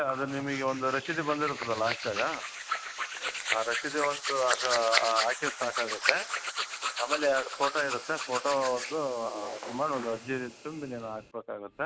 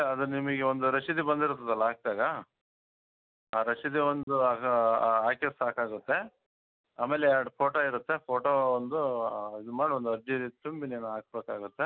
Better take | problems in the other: second | noise reduction (neural mask model Resemble Enhance denoiser)

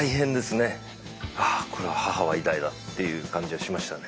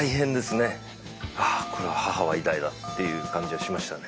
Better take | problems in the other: first | background sound (Telephone); 11 dB below the speech

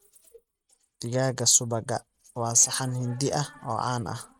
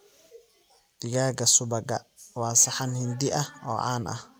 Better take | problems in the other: second | noise reduction (neural mask model RNNoise)

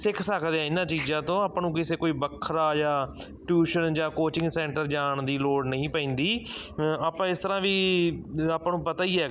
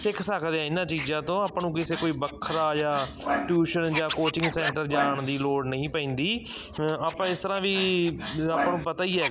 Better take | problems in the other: first | background sound (Scratching (performance technique)); 8 dB below the speech

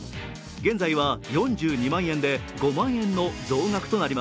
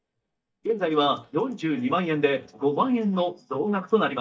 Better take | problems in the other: first | noise reduction (neural mask model DeepFilterNet 3)

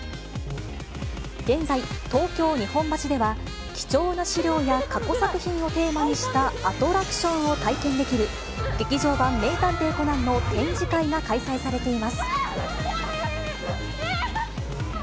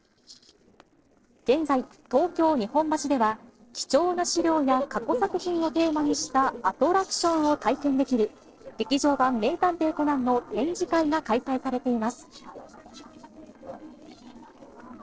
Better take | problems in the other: first | noise reduction (neural separator model SepFormer DNS4)

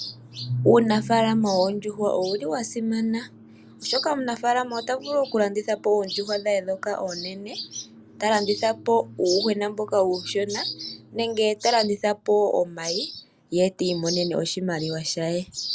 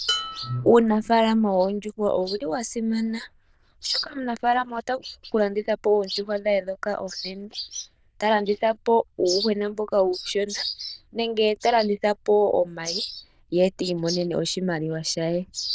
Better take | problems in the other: first | noise reduction (neural diffusion model UNIVERSE++)

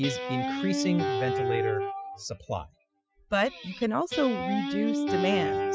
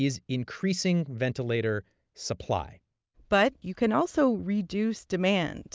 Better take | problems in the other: second | noise reduction (classical method Wiener filter)

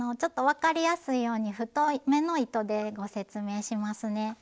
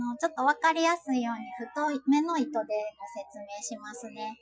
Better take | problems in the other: first | noise reduction (classical method Wiener filter)

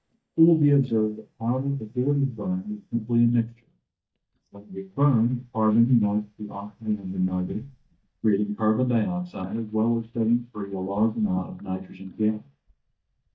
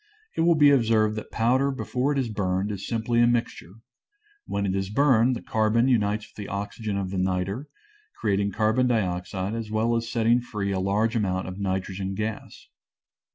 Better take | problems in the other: second | noise reduction (neural mask model DeepFilterNet 3)

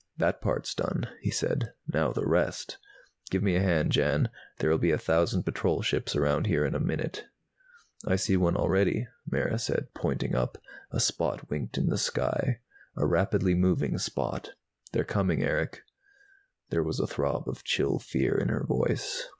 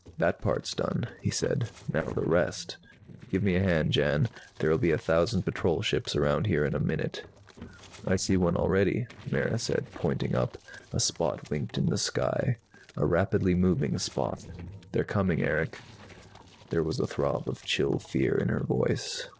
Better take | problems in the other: first | noise reduction (neural separator model SepFormer DNS4)

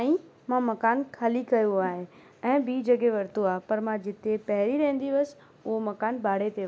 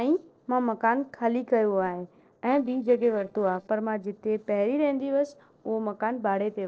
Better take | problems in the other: first | noise reduction (neural separator model SepFormer DNS4)

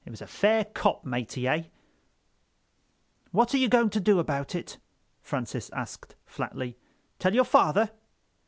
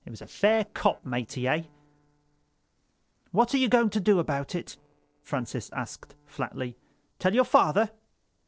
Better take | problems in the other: first | noise reduction (neural separator model SepFormer DNS4)

